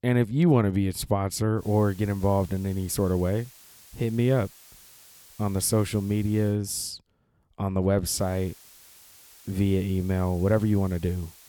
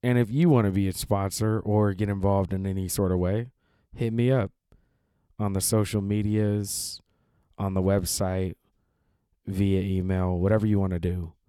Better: second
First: hiss; faint; from 1.5 to 6.5 s and from 8 s on; 25 dB below the speech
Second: none

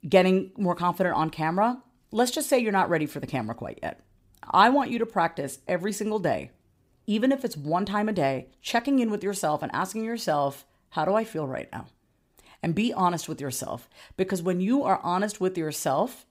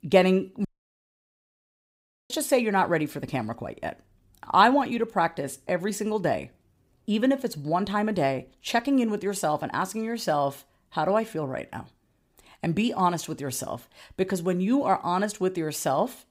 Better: first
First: none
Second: audio cutting out; at 0.5 s for 1.5 s

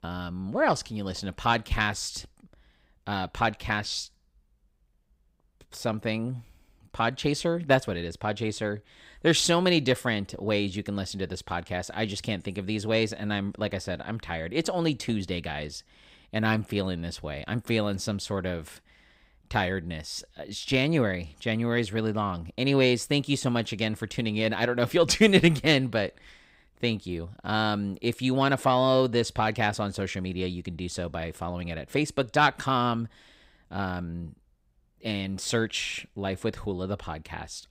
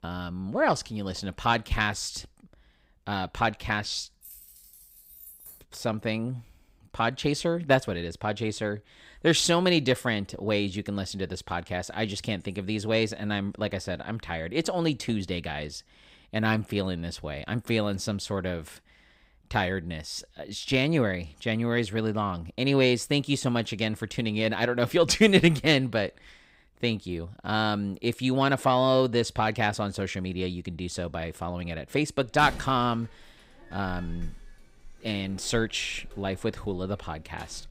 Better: first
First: none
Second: jangling keys; faint; from 4 to 5.5 s; peak 15 dB below the speech // door banging; faint; from 32 s on; peak 10 dB below the speech

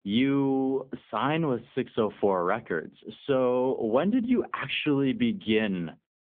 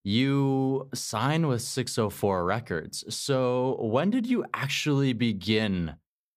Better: second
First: phone-call audio; nothing above 3.5 kHz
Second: none

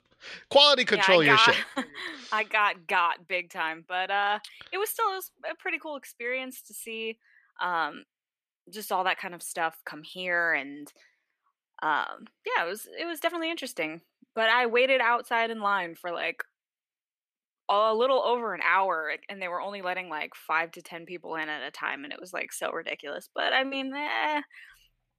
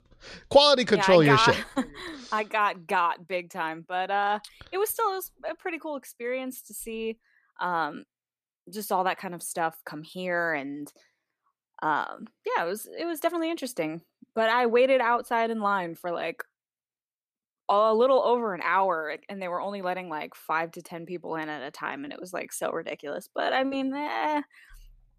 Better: second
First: thin; very slightly; fading below 550 Hz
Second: none

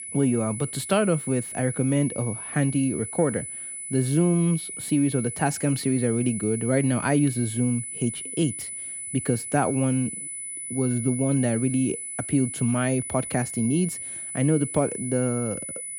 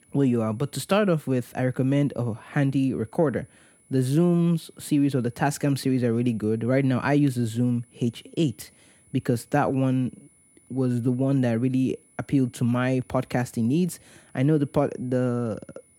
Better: second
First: high-pitched whine; loud; throughout; 10 kHz, 7 dB below the speech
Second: high-pitched whine; faint; throughout; 10 kHz, 30 dB below the speech

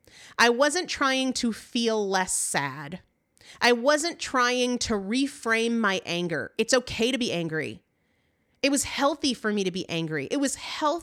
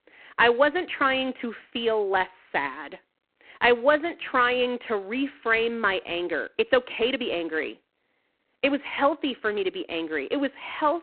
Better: first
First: none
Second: phone-call audio; poor line

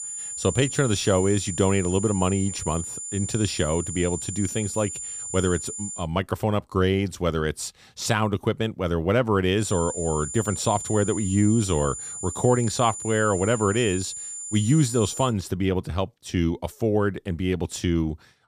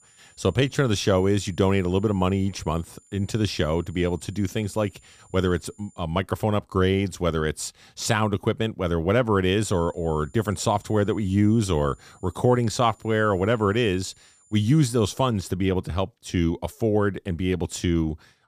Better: second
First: high-pitched whine; loud; until 6 s and from 9.5 to 15 s; 7 kHz, 7 dB below the speech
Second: high-pitched whine; faint; until 6 s and from 9.5 to 15 s; 7 kHz, 30 dB below the speech

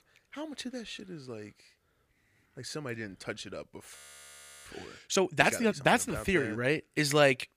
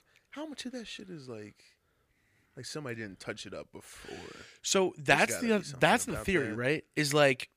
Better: second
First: audio freezing; at 4 s for 0.5 s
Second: none

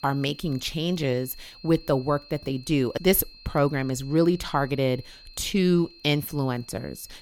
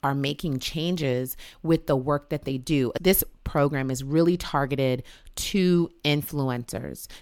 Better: second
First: high-pitched whine; faint; throughout; 4 kHz, 20 dB below the speech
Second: none

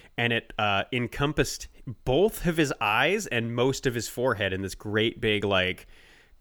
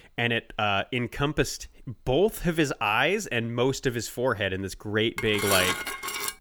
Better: first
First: none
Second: clattering dishes; loud; from 5 s on; peak 1 dB above the speech

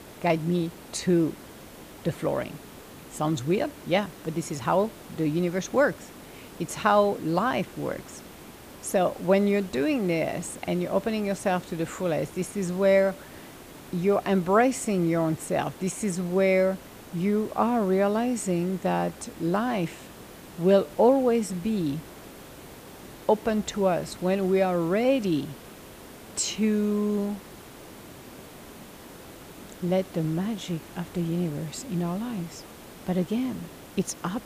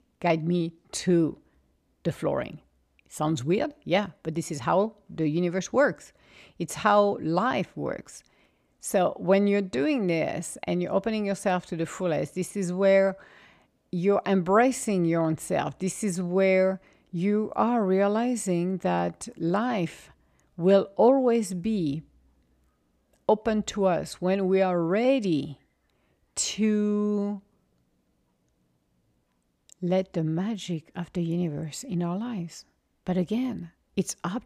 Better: second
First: hiss; noticeable; throughout; 20 dB below the speech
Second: none

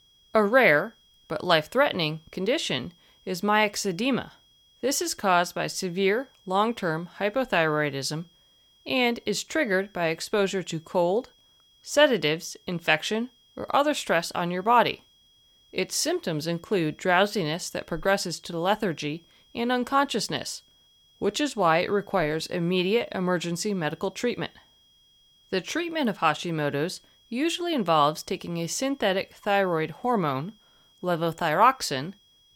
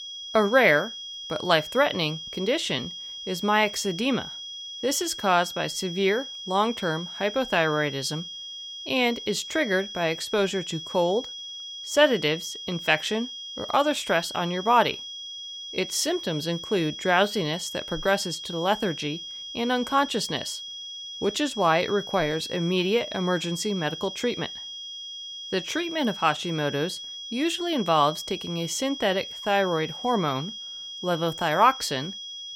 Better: first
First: high-pitched whine; faint; throughout; 3.5 kHz, 35 dB below the speech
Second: high-pitched whine; loud; throughout; 3.5 kHz, 9 dB below the speech

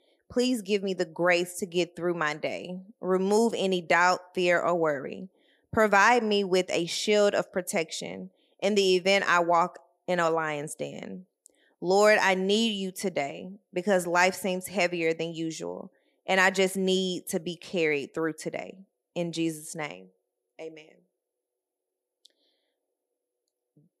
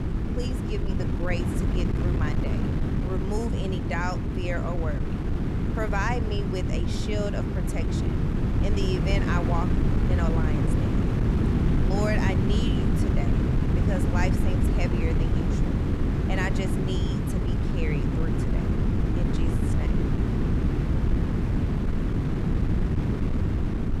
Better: first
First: none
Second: wind noise on the microphone; heavy; as loud as the speech

